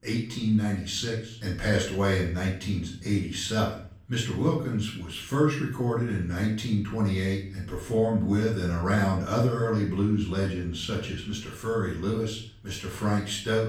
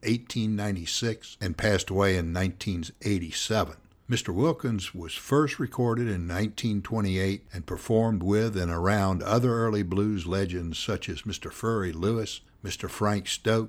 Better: second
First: off-mic speech; far // room echo; noticeable; dies away in 0.5 s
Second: none

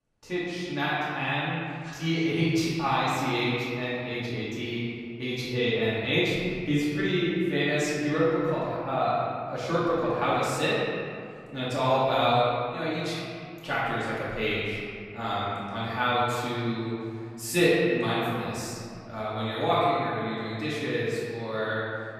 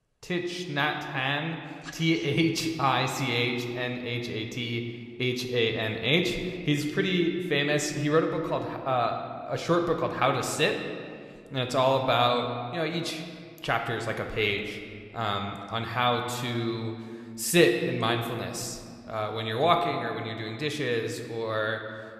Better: second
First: room echo; strong; dies away in 2.2 s // off-mic speech; far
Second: room echo; slight; dies away in 1.6 s

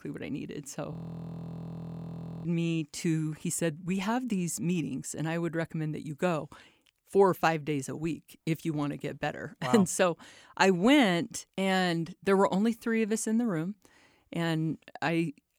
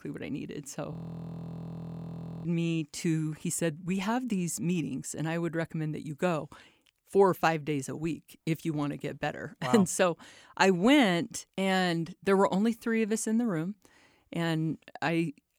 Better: neither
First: audio freezing; at 1 s for 1.5 s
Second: audio freezing; at 1 s for 1.5 s

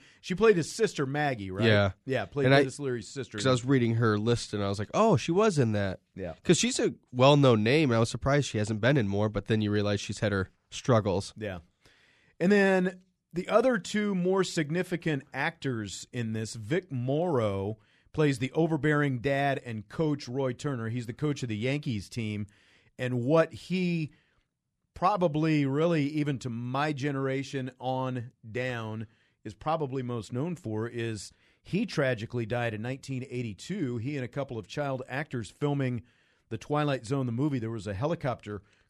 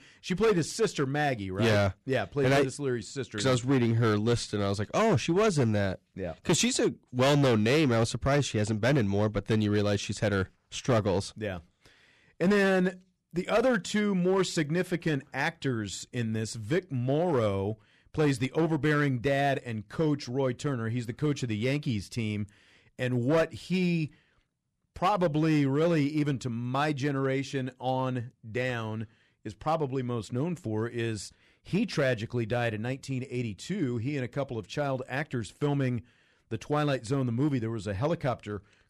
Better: first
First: none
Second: distortion; slight; 5% of the sound clipped

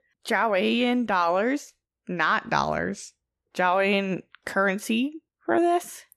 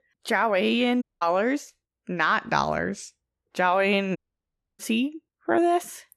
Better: first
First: none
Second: audio cutting out; at 1 s and at 4 s for 0.5 s

